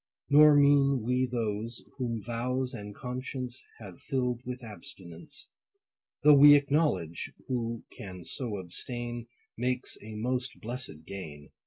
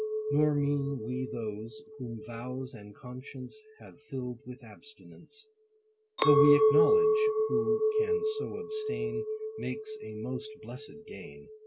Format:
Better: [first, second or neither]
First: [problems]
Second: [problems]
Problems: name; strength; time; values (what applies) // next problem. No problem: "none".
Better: first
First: none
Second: background sound (Chink, clink); 4 dB above the speech